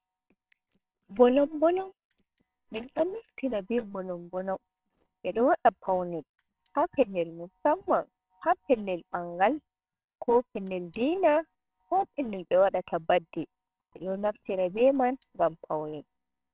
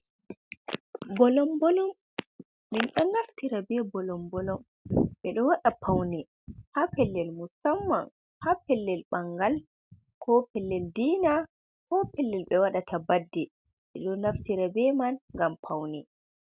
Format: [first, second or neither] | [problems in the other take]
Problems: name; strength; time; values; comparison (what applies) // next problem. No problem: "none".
second | noise reduction (neural separator model SepFormer WHAMR!)